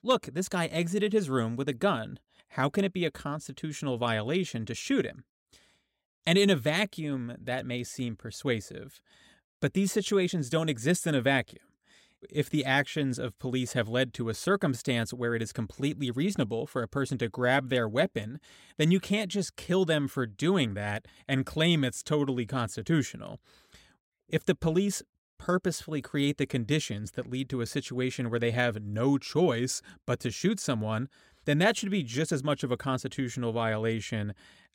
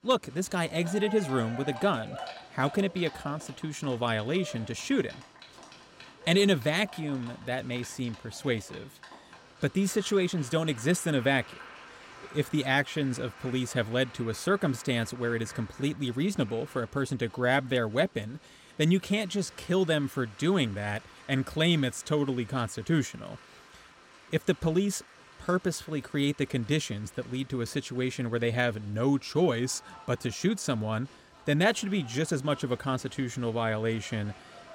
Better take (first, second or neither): first